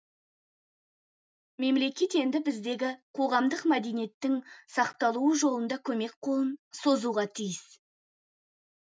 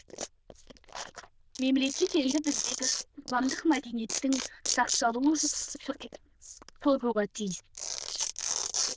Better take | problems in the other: first | noise reduction (neural diffusion model UNIVERSE++)

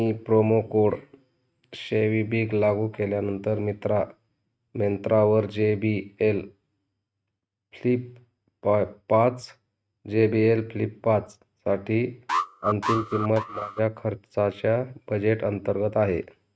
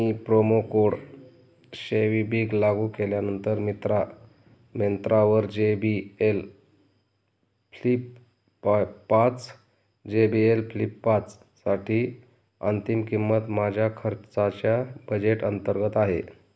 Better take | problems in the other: second | noise reduction (neural mask model RNNoise)

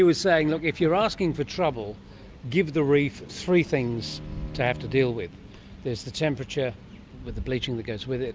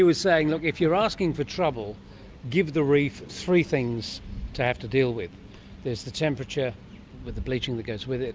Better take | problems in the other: second | background sound (Bowed string instrument); 17 dB below the speech

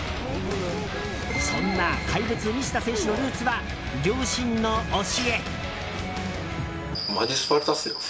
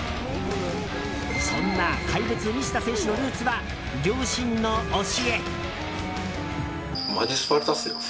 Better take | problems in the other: first | background sound (Wind instrument, woodwind instrument); 12 dB below the speech

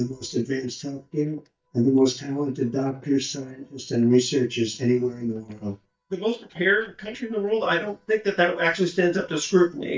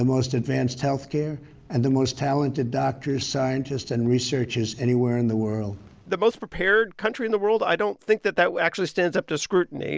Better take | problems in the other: second | noise reduction (neural mask model DeepFilterNet 3)

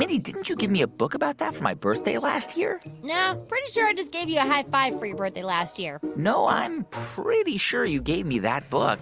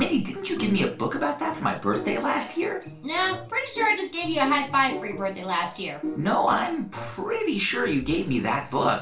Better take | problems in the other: first | room echo; dies away in 0.3 s

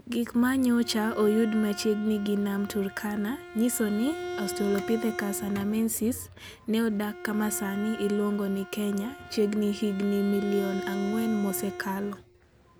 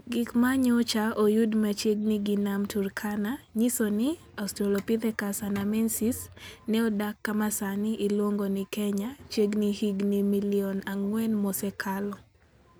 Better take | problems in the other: second | background sound (Bowed string instrument); 12 dB below the speech

